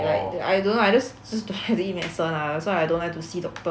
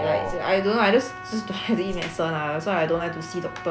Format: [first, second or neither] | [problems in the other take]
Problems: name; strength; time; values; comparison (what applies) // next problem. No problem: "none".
first | background sound (Whoosh, swoosh, swish + Trumpet); 13 dB below the speech